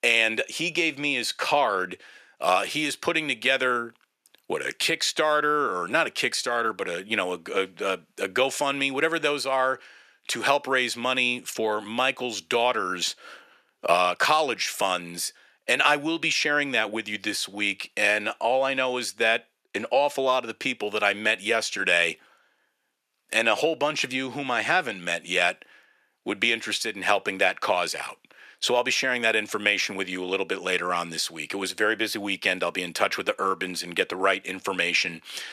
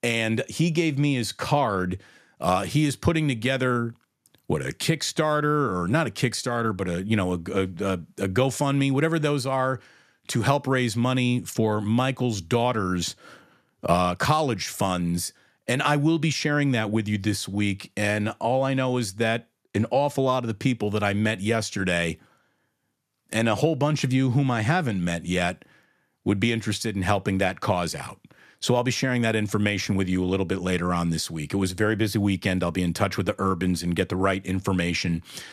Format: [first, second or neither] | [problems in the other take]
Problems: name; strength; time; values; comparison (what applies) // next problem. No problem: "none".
second | thin; somewhat; fading below 500 Hz